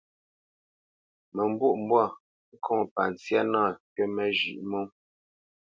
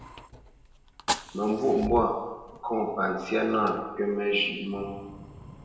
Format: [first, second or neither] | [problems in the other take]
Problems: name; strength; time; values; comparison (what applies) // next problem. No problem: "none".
first | background sound (Fire); 11 dB below the speech // room echo; dies away in 1 s